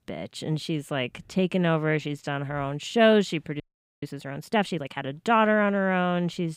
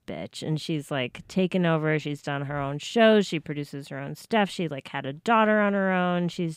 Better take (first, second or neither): second